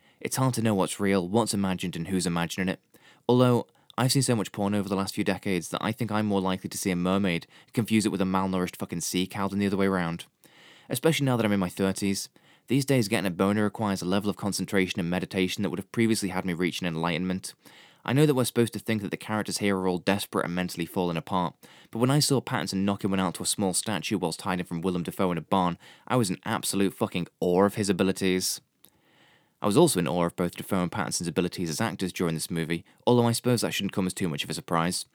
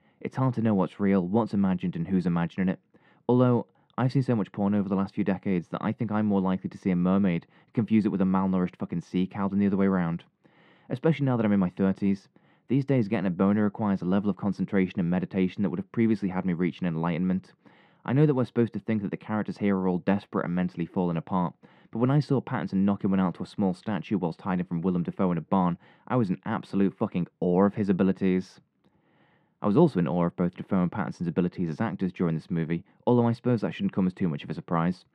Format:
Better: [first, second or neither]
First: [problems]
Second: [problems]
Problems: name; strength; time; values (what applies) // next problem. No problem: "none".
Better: first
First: none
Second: muffled; very; fading above 1.5 kHz